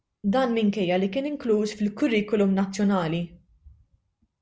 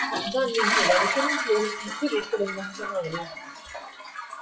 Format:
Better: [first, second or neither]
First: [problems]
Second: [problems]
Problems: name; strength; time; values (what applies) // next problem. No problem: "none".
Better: first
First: none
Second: noise reduction (classical method WPE with log-MMSE)